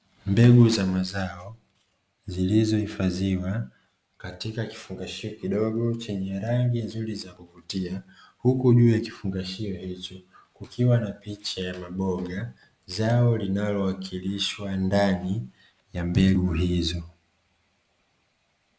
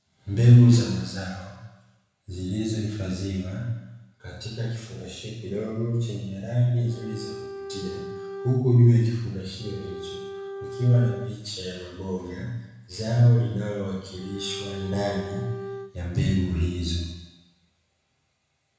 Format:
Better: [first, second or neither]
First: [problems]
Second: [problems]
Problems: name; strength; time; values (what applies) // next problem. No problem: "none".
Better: first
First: none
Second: background sound (Bowed string instrument); 12 dB below the speech // room echo; dies away in 1 s